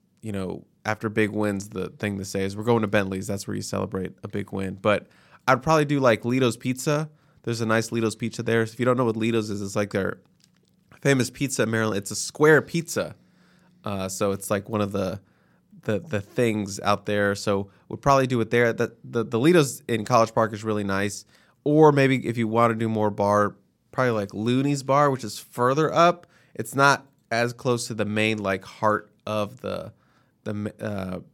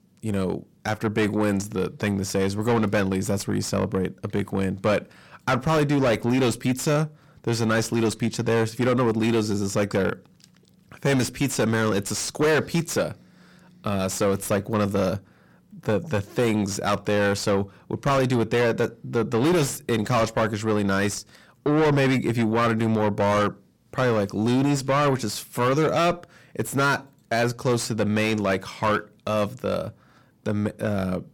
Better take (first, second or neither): first